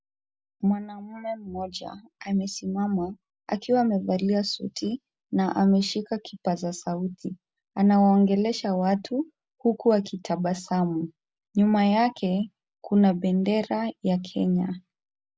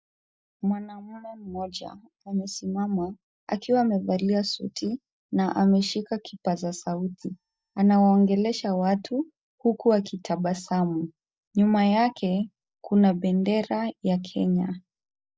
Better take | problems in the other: first | noise reduction (neural mask model DeepFilterNet 3)

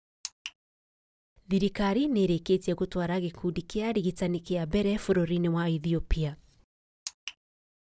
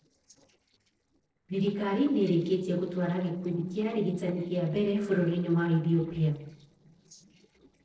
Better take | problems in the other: first | noise reduction (neural separator model SepFormer DNS4)

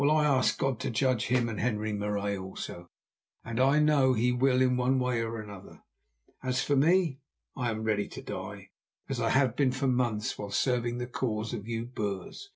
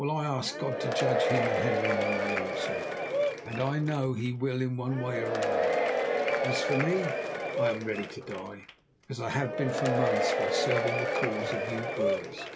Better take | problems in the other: first | background sound (Applause / Crowd / Cheering); 3 dB above the speech

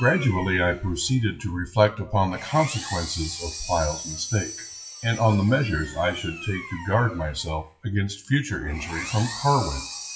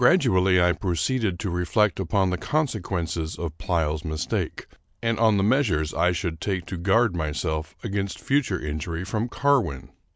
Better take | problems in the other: second | noise reduction (classical method WPE with log-MMSE)

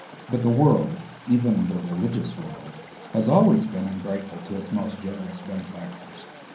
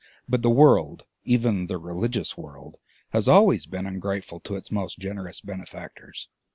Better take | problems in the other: second | background sound (Chatter / Stream); 19 dB below the speech // room echo; dies away in 0.6 s

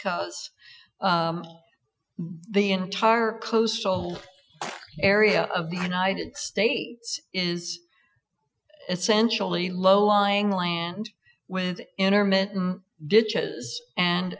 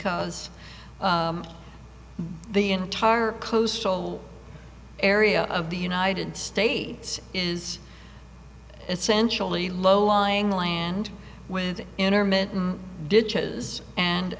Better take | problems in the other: second | noise reduction (classical method Wiener filter)

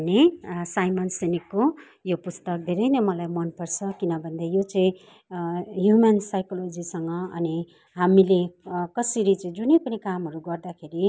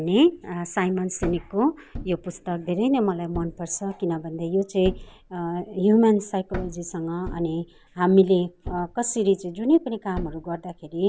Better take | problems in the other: first | background sound (Thump, thud); 16 dB below the speech

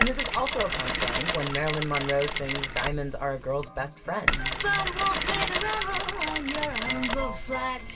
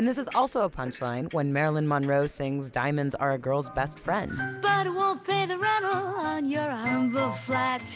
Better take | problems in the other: second | background sound (Mechanisms); as loud as the speech // room echo; dies away in 0.1 s

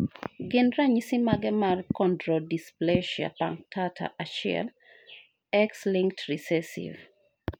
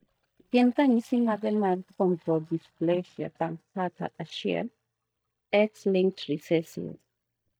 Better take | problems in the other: first | noise reduction (neural mask model DeepFilterNet 3)

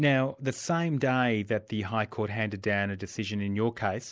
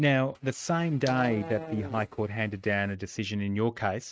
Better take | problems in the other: first | noise reduction (neural mask model RNNoise)

